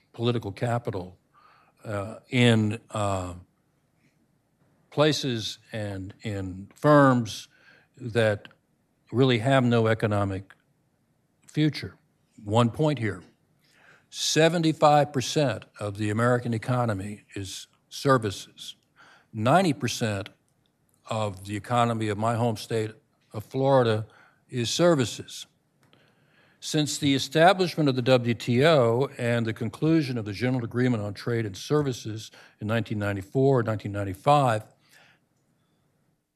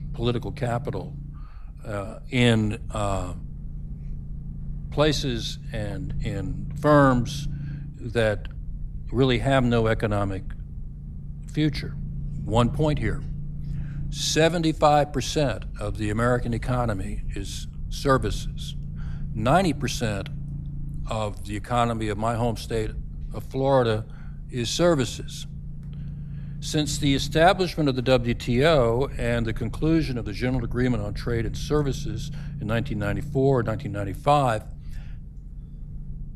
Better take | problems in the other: first | low rumble; faint; throughout; 25 dB below the speech

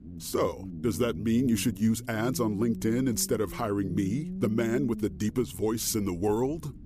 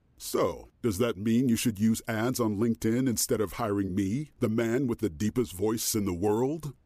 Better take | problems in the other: second | low rumble; noticeable; throughout; 15 dB below the speech

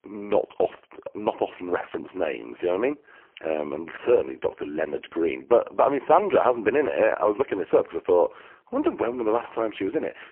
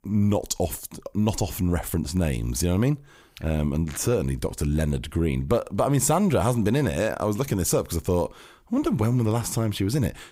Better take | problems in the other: second | phone-call audio; poor line

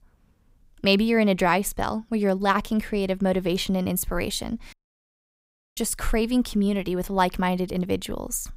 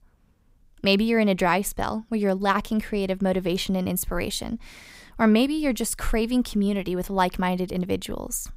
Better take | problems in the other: second | audio cutting out; at 4.5 s for 1 s

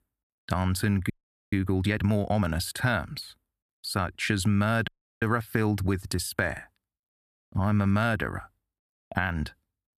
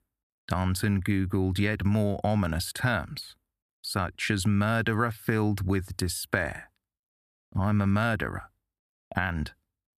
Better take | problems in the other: second | audio freezing; at 1 s and at 5 s

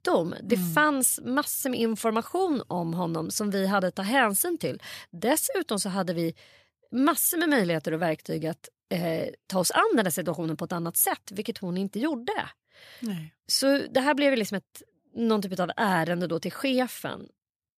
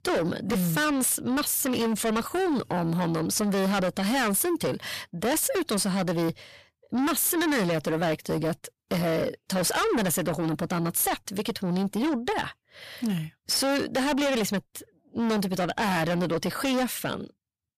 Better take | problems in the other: first | distortion; heavy; 5 dB below the speech

